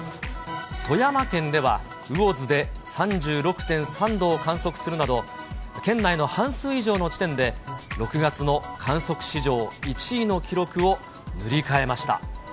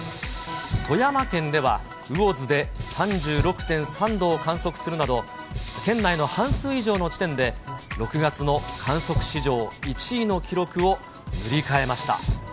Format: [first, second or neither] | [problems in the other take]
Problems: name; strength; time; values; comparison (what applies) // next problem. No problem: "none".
first | background sound (Sink (filling or washing)); 11 dB below the speech